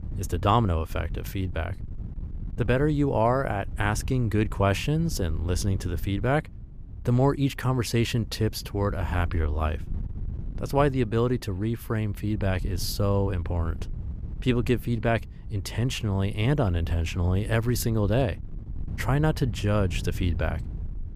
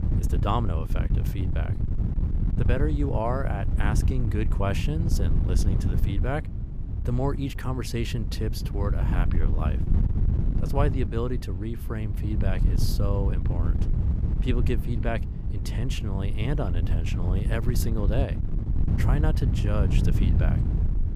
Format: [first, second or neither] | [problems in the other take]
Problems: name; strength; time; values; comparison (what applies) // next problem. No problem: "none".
first | wind noise on the microphone; heavy; 6 dB below the speech; occasional gusts in the first